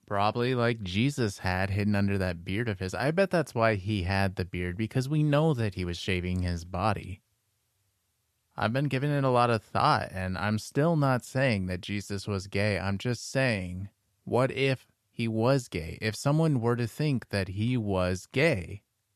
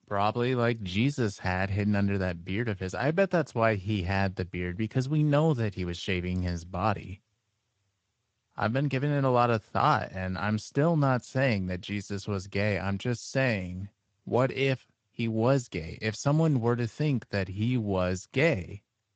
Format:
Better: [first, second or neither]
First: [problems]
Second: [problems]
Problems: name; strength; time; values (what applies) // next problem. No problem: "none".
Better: first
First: none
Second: garbled, watery; slightly; nothing above 7.5 kHz